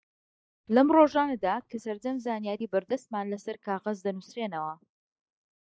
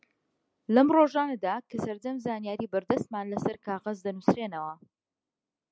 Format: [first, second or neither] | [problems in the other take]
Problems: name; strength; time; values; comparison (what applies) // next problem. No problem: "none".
second | noise reduction (neural mask model DeepFilterNet 3)